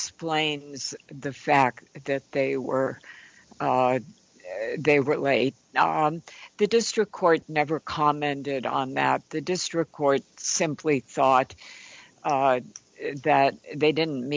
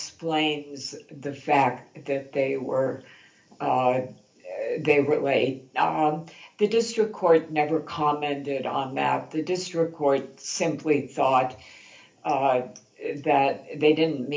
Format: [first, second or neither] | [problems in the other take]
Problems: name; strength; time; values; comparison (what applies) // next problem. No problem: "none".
first | room echo; dies away in 0.3 s